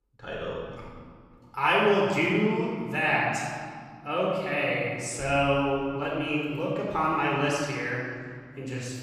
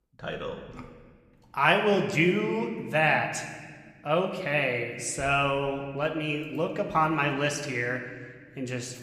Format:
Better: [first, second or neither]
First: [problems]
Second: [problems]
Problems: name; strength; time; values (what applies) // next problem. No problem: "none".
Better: second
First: room echo; strong; dies away in 1.9 s // off-mic speech; far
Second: room echo; slight; dies away in 1.3 s